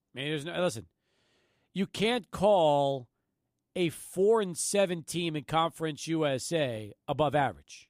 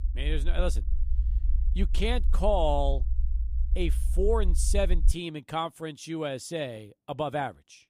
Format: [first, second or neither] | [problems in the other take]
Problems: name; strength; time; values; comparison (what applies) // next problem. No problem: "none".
first | low rumble; faint; until 5 s; 20 dB below the speech